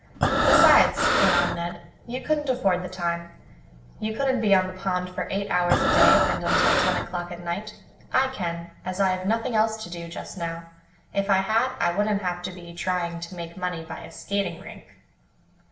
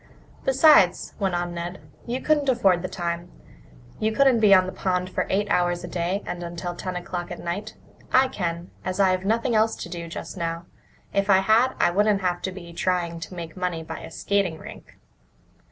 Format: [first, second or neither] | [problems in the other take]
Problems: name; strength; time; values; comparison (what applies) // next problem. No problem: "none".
second | background sound (Breathing); 5 dB above the speech // room echo; dies away in 0.6 s